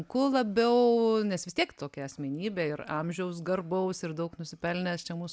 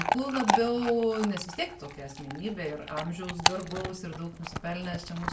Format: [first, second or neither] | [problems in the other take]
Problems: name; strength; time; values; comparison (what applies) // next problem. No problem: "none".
first | background sound (Chewing, mastication / Dog); 1 dB below the speech // room echo; dies away in 0.3 s